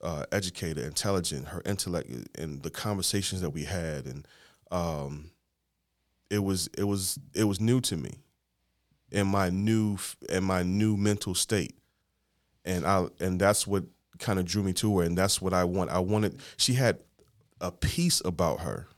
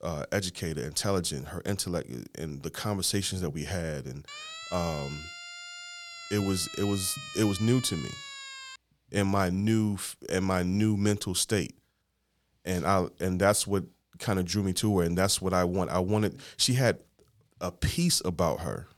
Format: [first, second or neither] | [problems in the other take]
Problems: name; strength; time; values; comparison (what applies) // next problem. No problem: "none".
first | siren; faint; from 4.5 to 9 s; peak 10 dB below the speech